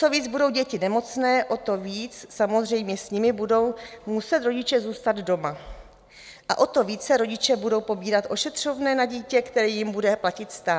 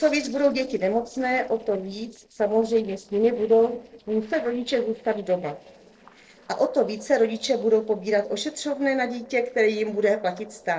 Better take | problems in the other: first | noise reduction (neural separator model SepFormer DNS4)

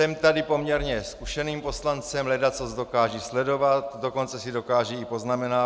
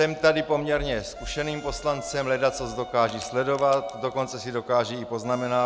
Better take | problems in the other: first | background sound (Crack + Wind instrument, woodwind instrument); 18 dB below the speech

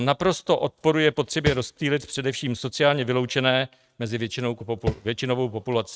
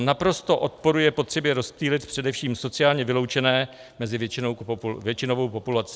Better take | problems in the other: second | noise reduction (neural mask model RNNoise)

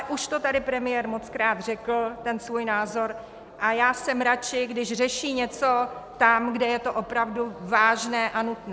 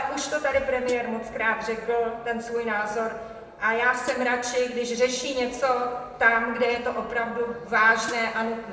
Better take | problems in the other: first | background sound (Hi-hat); 16 dB below the speech // room echo; dies away in 1.1 s

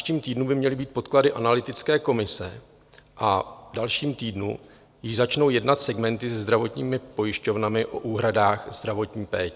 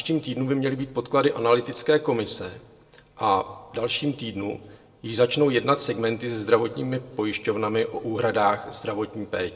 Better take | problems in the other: first | room echo; dies away in 0.8 s

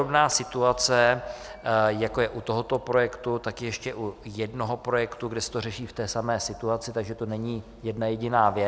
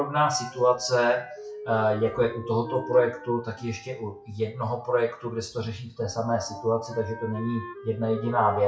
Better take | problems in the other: first | noise reduction (classical method WPE with log-MMSE)

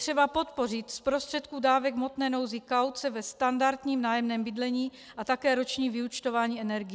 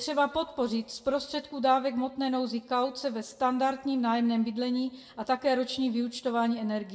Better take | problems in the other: first | room echo; dies away in 0.5 s

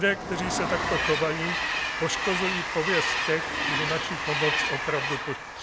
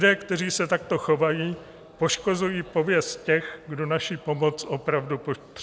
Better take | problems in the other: second | background sound (Train); 1 dB above the speech

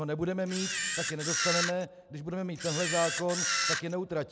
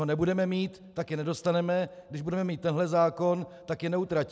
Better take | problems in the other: second | background sound (Camera); 1 dB above the speech

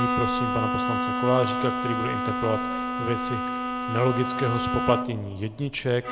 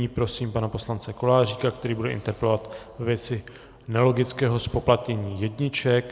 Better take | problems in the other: second | background sound (Bowed string instrument); as loud as the speech

